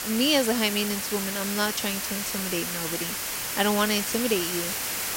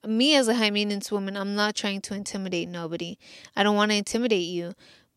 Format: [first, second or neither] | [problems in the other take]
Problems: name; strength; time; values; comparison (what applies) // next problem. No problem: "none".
second | hiss; loud; throughout; 1 dB below the speech